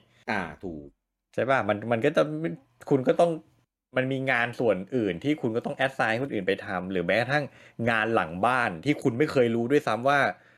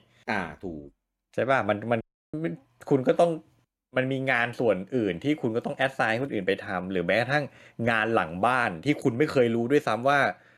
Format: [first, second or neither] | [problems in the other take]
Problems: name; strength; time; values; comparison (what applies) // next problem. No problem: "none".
first | audio cutting out; at 2 s